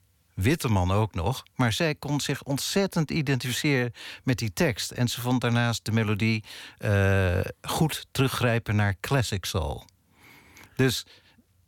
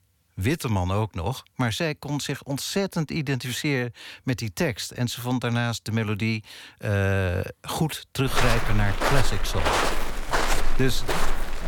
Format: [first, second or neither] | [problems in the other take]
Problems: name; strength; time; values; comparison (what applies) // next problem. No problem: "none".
first | footsteps; loud; from 8.5 s on; peak 3 dB above the speech